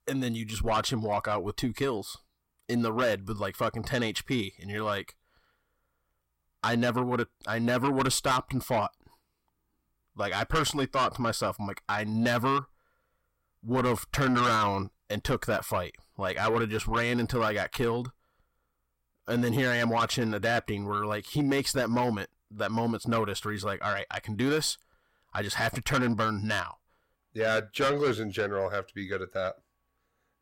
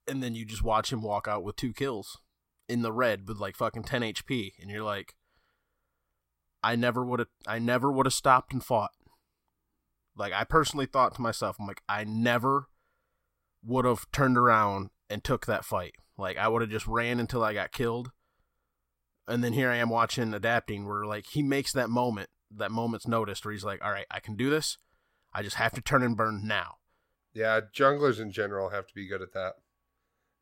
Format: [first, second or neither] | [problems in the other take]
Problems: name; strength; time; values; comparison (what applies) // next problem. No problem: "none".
second | distortion; heavy; 8 dB below the speech